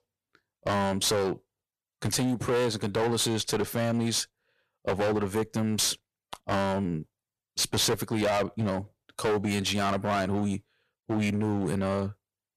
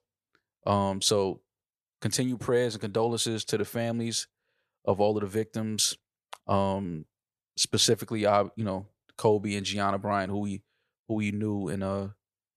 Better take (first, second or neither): second